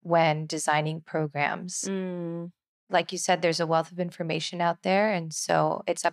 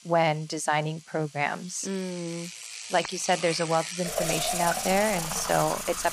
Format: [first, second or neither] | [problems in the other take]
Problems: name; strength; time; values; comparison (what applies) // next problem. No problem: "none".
first | household noises; loud; throughout; 4 dB below the speech